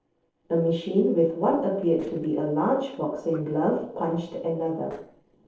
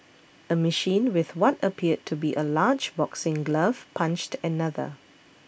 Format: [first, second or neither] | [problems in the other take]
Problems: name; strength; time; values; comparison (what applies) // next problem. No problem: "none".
second | noise reduction (neural separator model SepFormer DNS4)